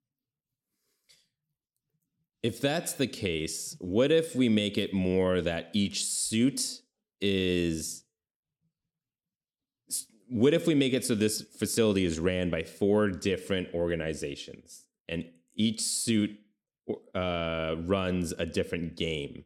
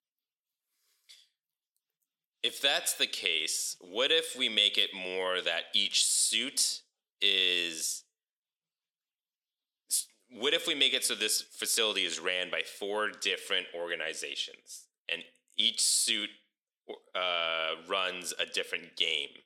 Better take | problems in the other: first | thin; very; fading below 850 Hz

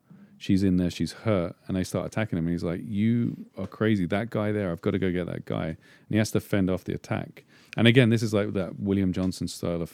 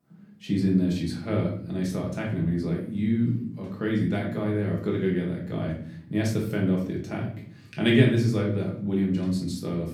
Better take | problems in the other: first | room echo; slight; dies away in 0.6 s // off-mic speech; far

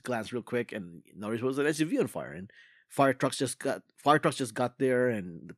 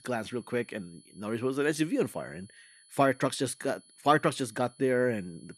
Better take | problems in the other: first | high-pitched whine; faint; throughout; 10 kHz, 25 dB below the speech

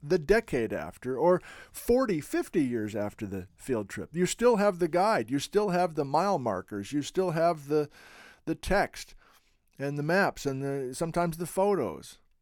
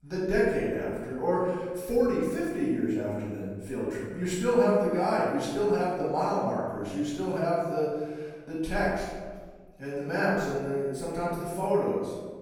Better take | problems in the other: first | room echo; strong; dies away in 1.4 s // off-mic speech; far

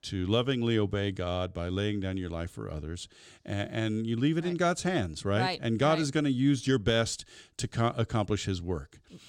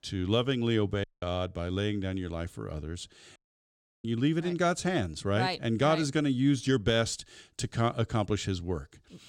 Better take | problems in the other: first | audio cutting out; at 1 s and at 3.5 s for 0.5 s

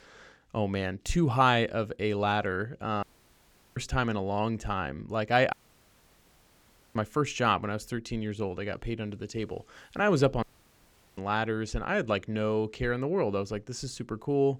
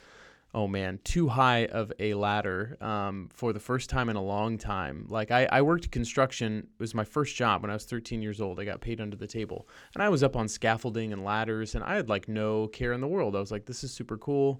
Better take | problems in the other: second | audio cutting out; at 3 s for 0.5 s, at 5.5 s for 1.5 s and at 10 s for 0.5 s

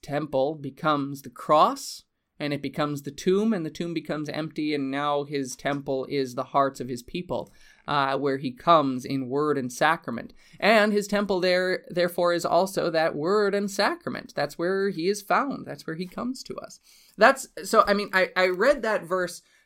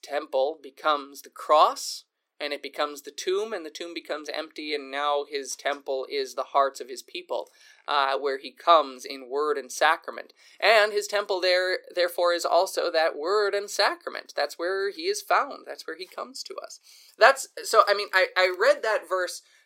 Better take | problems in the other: first | thin; very; fading below 400 Hz

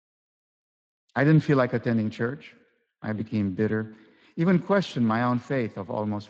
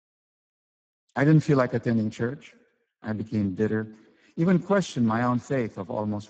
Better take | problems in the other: first | garbled, watery; badly; nothing above 8 kHz; slightly in the first

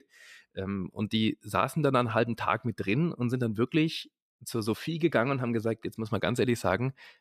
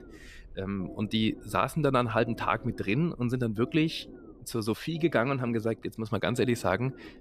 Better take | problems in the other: first | low rumble; faint; throughout; 20 dB below the speech

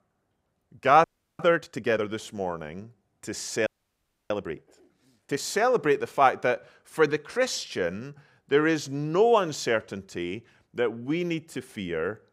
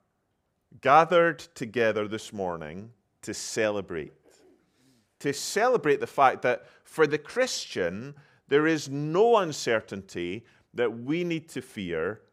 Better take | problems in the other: second | audio freezing; at 1 s and at 3.5 s for 0.5 s

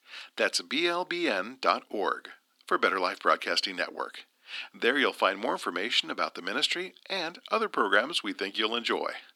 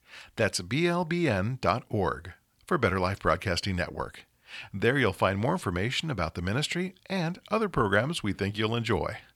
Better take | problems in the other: second | thin; somewhat; fading below 250 Hz

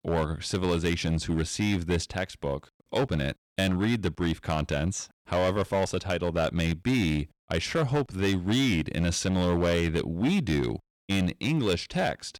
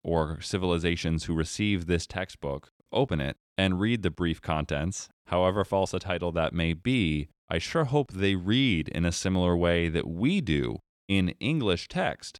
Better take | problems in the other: second | distortion; slight; 9% of the sound clipped

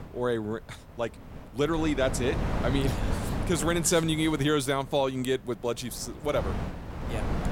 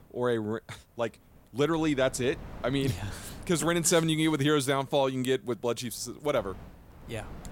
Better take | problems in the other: second | wind noise on the microphone; heavy; 9 dB below the speech; occasional gusts in the second

